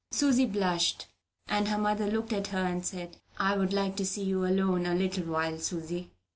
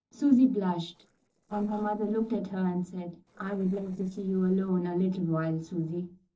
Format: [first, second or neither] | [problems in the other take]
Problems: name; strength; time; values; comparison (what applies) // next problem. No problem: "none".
first | noise reduction (neural separator model SepFormer DNS4)